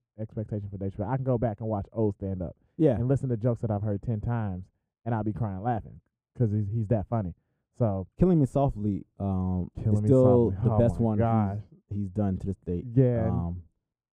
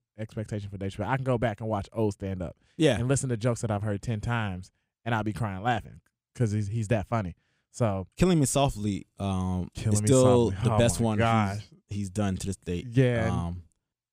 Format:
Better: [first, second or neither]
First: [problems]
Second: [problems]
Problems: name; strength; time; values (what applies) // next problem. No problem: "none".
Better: second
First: muffled; very; fading above 1.5 kHz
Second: none